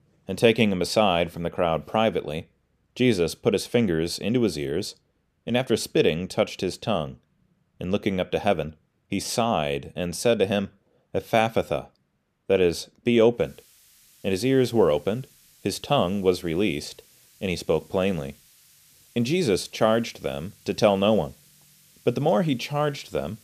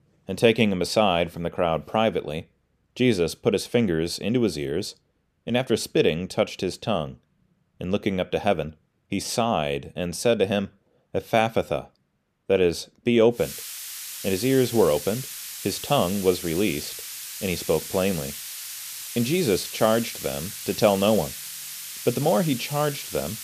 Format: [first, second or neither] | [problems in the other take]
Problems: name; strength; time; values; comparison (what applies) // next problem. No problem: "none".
first | hiss; loud; from 13 s on; 9 dB below the speech; faint in the first